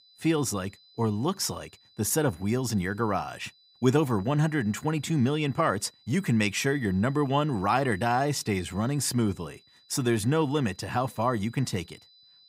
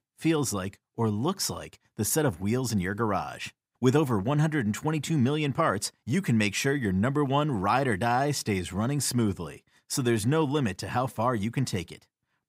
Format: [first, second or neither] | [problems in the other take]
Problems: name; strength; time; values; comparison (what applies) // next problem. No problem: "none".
second | high-pitched whine; faint; throughout; 4 kHz, 30 dB below the speech